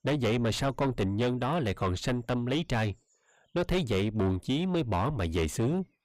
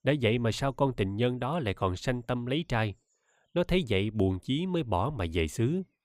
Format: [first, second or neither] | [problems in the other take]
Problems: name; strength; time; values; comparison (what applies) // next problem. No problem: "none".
second | distortion; heavy; 6 dB below the speech